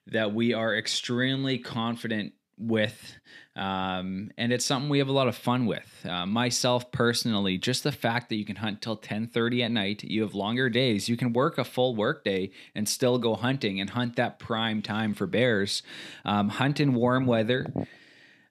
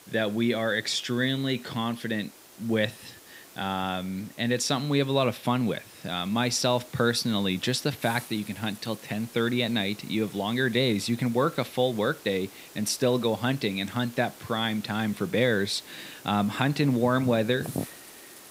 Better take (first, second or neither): first